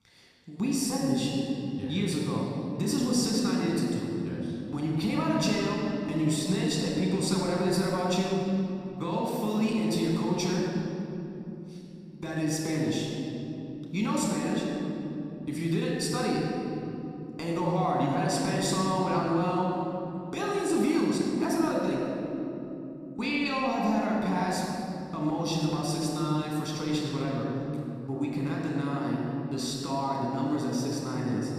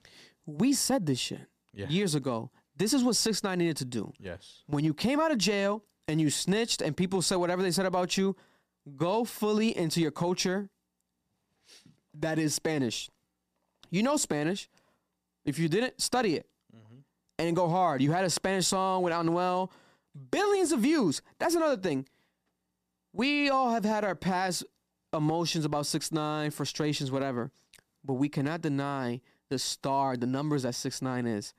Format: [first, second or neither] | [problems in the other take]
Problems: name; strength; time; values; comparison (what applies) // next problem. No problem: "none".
second | room echo; strong; dies away in 3 s // off-mic speech; far